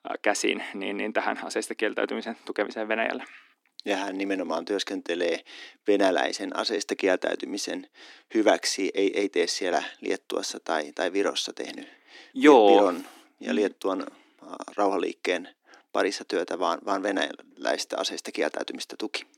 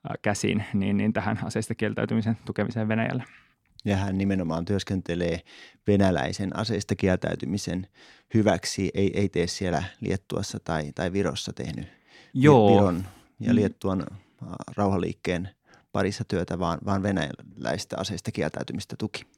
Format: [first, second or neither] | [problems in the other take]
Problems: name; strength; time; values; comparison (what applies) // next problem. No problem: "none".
second | thin; somewhat; fading below 300 Hz